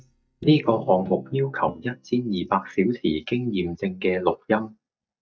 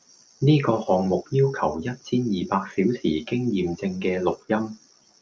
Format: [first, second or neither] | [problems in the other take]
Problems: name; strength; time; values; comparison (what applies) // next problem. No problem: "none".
second | noise reduction (neural mask model DeepFilterNet 3)